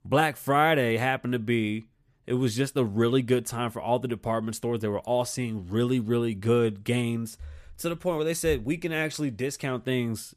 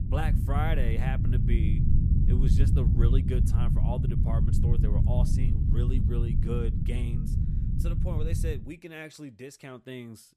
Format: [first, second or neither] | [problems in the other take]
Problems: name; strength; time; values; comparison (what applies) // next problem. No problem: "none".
first | low rumble; loud; until 8.5 s; 1 dB below the speech